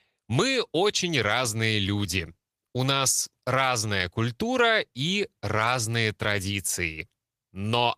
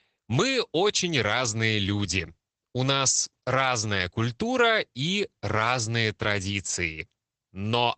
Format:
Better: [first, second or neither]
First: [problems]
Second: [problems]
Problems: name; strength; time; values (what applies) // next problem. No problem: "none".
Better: first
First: garbled, watery; slightly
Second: garbled, watery; badly; nothing above 8 kHz